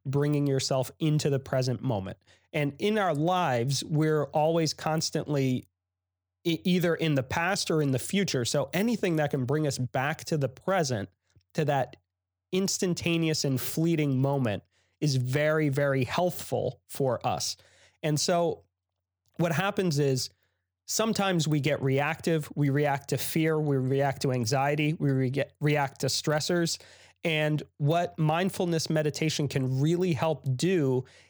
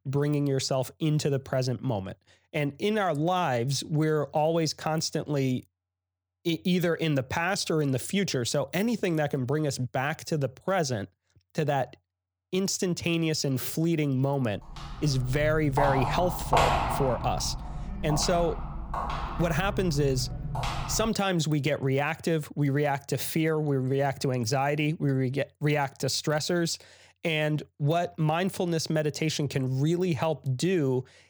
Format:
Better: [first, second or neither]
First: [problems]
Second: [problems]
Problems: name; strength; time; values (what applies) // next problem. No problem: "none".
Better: first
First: none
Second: footsteps; loud; from 15 to 21 s; peak 4 dB above the speech